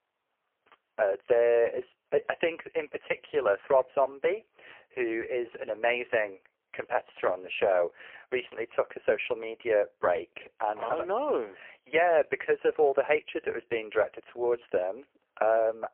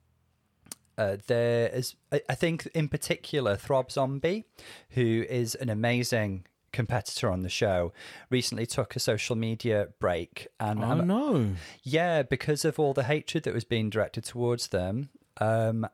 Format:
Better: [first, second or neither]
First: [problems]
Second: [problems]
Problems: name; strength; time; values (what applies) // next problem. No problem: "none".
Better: second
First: phone-call audio; poor line; nothing above 3 kHz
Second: none